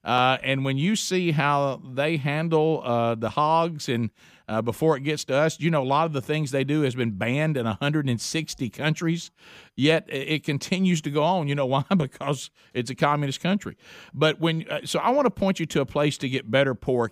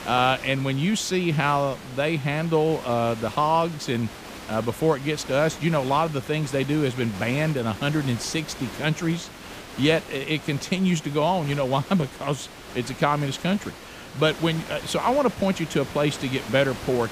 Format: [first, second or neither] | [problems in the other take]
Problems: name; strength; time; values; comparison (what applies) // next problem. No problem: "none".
first | hiss; noticeable; throughout; 15 dB below the speech